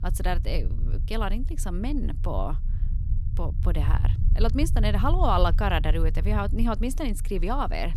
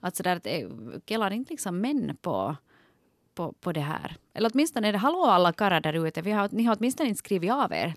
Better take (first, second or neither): second